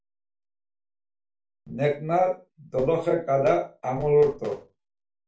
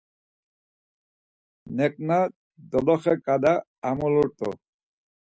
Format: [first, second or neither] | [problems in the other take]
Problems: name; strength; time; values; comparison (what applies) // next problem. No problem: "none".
second | room echo; dies away in 0.3 s